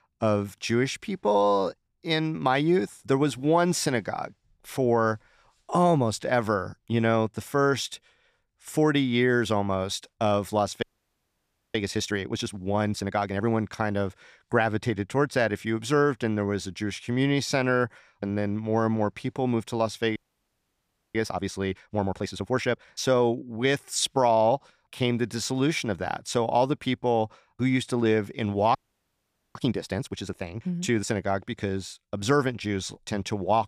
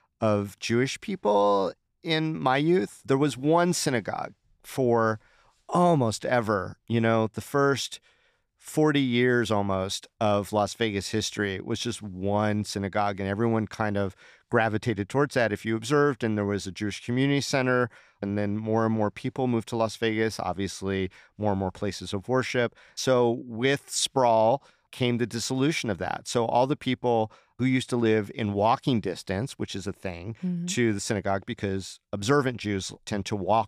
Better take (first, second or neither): second